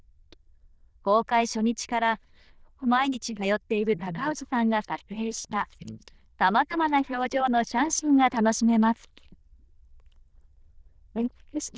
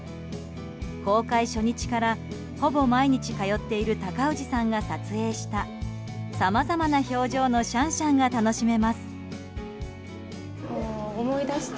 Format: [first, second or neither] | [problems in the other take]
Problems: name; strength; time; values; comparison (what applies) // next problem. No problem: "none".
second | noise reduction (neural diffusion model UNIVERSE++)